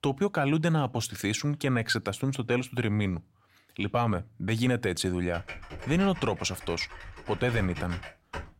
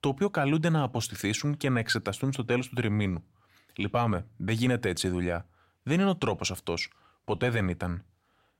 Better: second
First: keyboard typing; faint; from 5.5 s on; peak 10 dB below the speech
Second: none

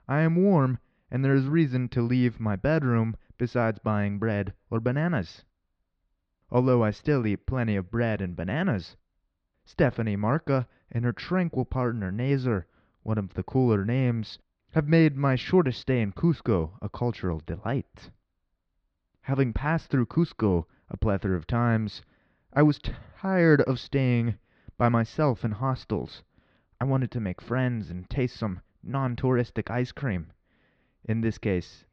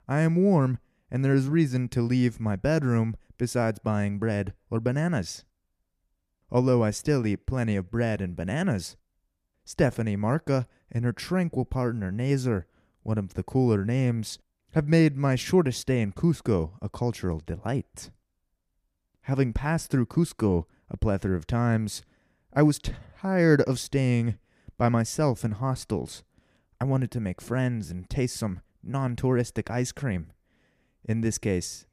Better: second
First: muffled; slightly; fading above 4.5 kHz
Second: none

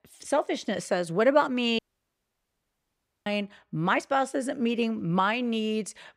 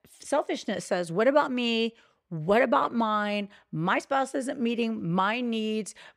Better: second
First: audio cutting out; at 2 s for 1.5 s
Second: none

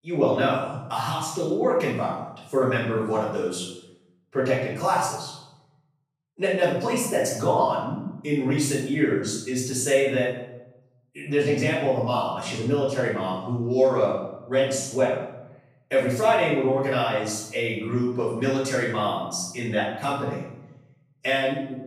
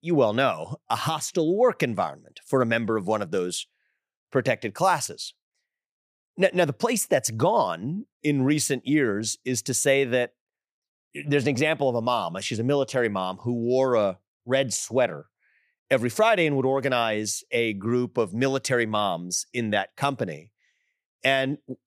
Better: second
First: off-mic speech; far // room echo; noticeable; dies away in 0.7 s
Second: none

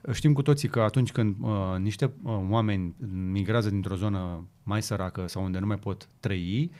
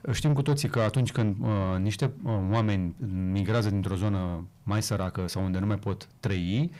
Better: first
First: none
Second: distortion; slight; 10 dB below the speech

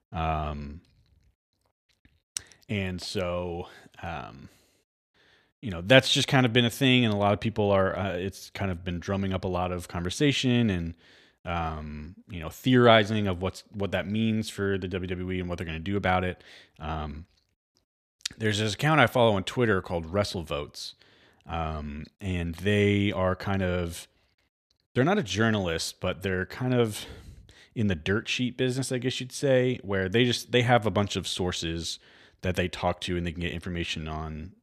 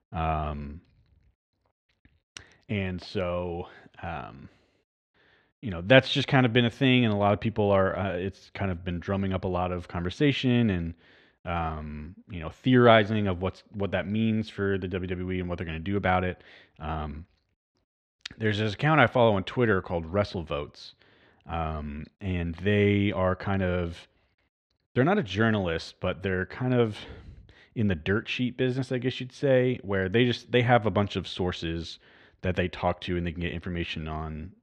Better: first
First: none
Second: muffled; slightly; fading above 3 kHz

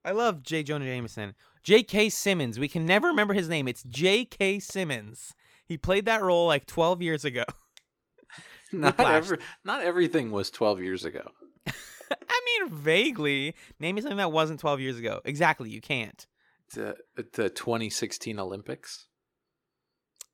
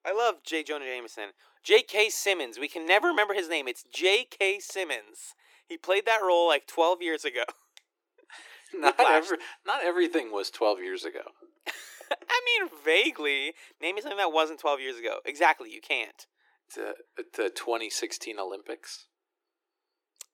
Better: first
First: none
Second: thin; very; fading below 300 Hz

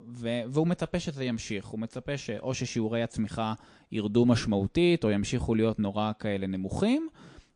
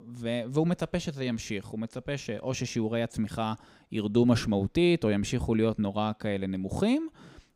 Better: second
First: garbled, watery; slightly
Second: none

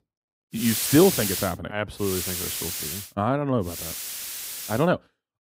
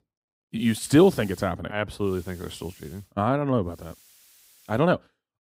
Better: second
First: hiss; loud; at 0.5 s, at 2 s and from 3.5 to 5 s; 4 dB below the speech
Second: hiss; faint; at 0.5 s, at 2 s and from 3.5 to 5 s; 25 dB below the speech

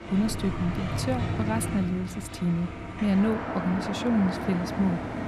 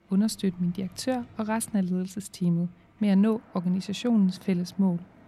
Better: second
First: traffic noise; loud; throughout; 4 dB below the speech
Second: traffic noise; faint; throughout; 25 dB below the speech

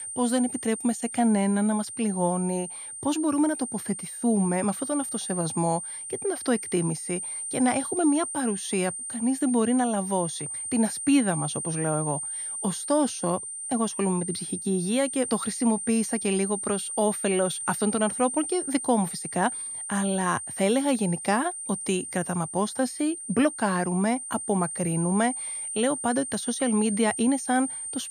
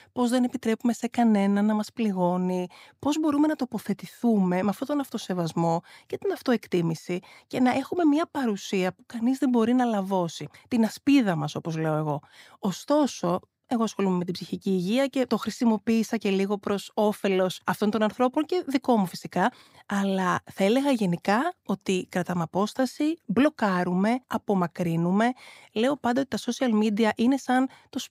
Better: second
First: high-pitched whine; loud; throughout; 9 kHz, 5 dB below the speech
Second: none

